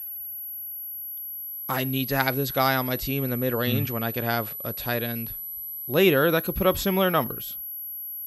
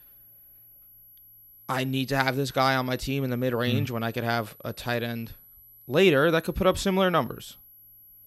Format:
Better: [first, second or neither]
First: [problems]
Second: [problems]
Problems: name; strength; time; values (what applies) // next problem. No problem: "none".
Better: second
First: high-pitched whine; loud; throughout; 11.5 kHz, 7 dB below the speech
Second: high-pitched whine; faint; throughout; 11.5 kHz, 25 dB below the speech